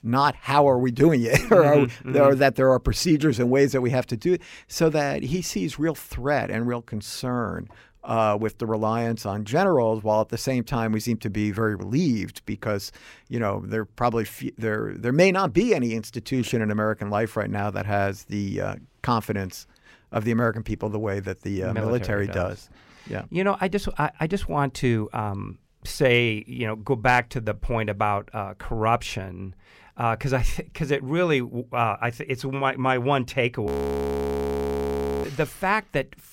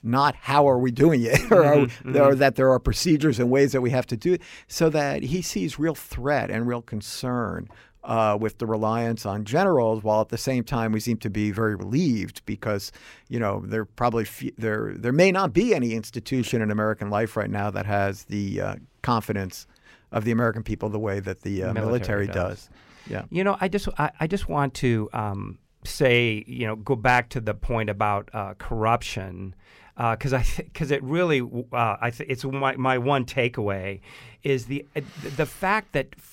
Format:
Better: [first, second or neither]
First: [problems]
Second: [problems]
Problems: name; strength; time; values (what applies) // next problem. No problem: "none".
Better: second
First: audio freezing; at 34 s for 1.5 s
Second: none